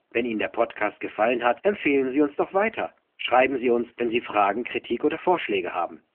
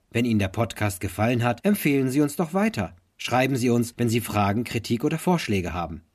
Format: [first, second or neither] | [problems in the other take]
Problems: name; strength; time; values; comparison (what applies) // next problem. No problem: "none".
second | phone-call audio; nothing above 3 kHz